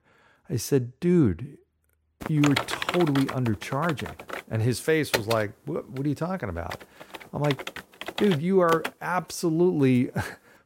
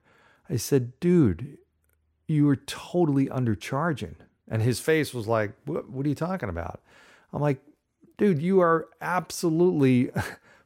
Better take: second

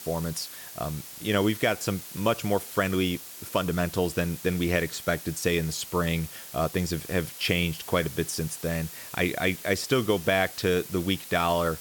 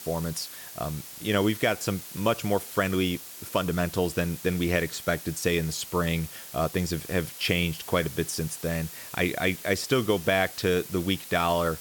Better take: neither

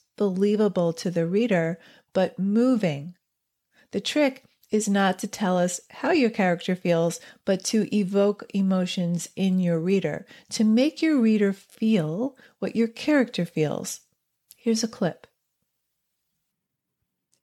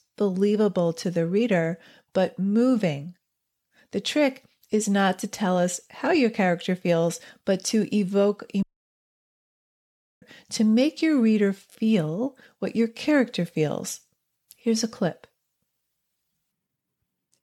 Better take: first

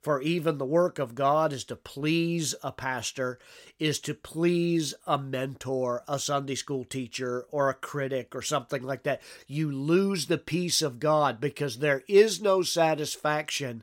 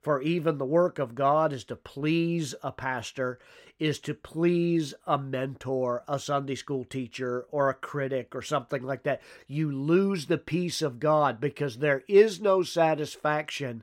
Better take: first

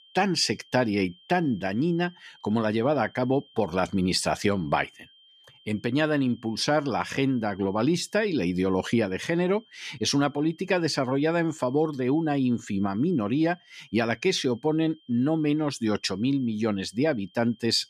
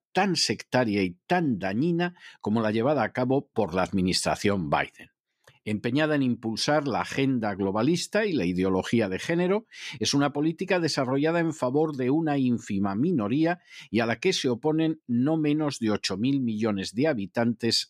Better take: second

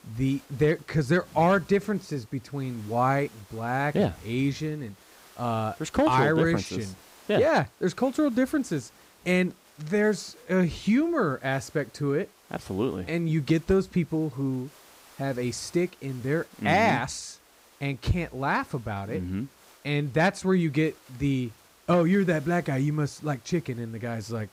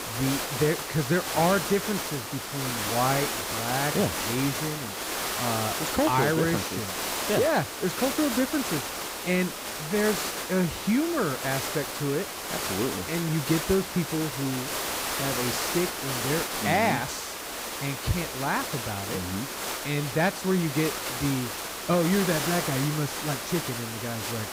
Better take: first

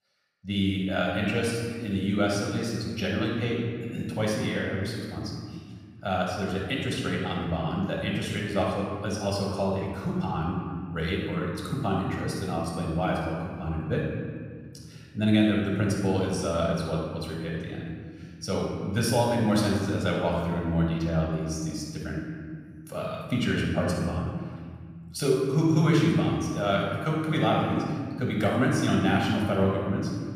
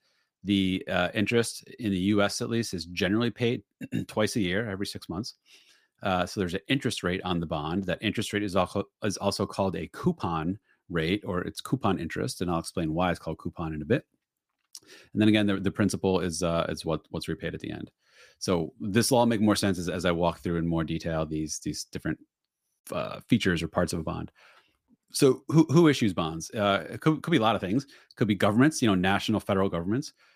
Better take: second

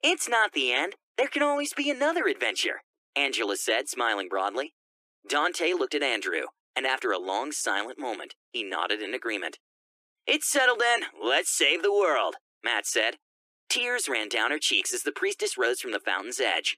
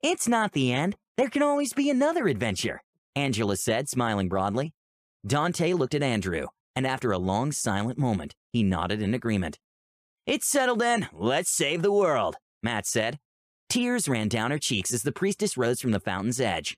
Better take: second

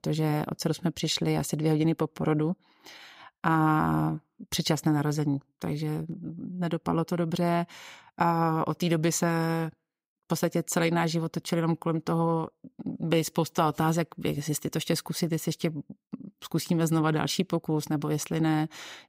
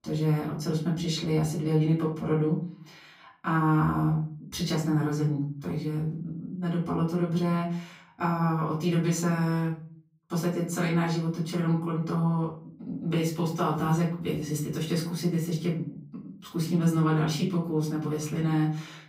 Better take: first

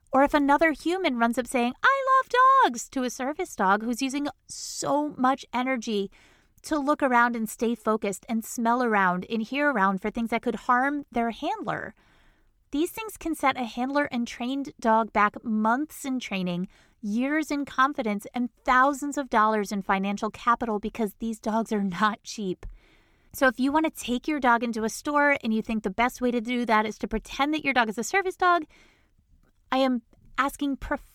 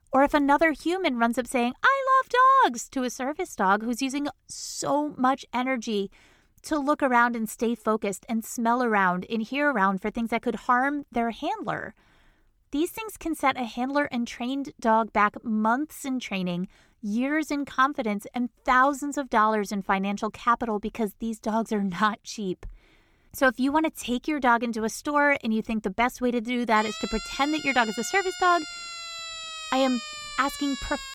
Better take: first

